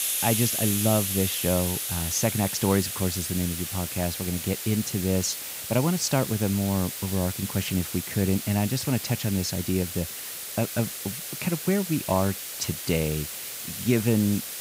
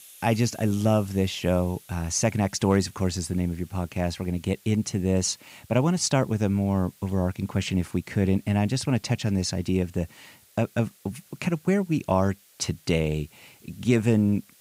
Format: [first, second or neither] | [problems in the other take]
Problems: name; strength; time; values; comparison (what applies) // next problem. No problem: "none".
second | hiss; loud; throughout; 3 dB below the speech; faint in the second